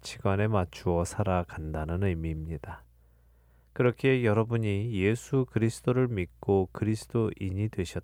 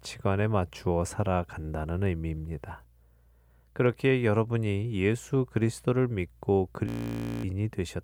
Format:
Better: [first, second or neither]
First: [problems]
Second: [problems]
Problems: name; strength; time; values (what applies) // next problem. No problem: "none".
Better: first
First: none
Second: audio freezing; at 7 s for 0.5 s